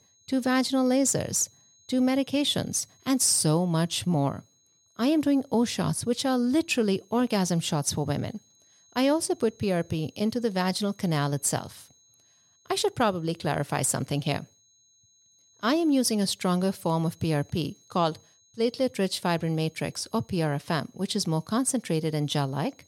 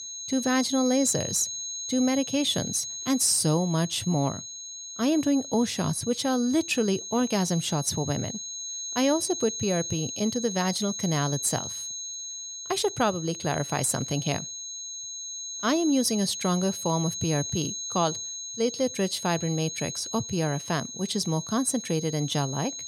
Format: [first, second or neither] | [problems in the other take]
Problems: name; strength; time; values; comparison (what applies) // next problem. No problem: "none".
first | high-pitched whine; loud; throughout; 6.5 kHz, 7 dB below the speech; faint in the first